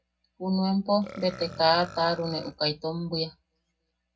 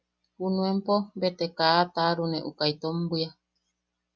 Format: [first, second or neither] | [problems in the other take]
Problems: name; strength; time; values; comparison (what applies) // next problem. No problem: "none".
second | background sound (Burping, eructation); 19 dB below the speech // room echo; dies away in 0.3 s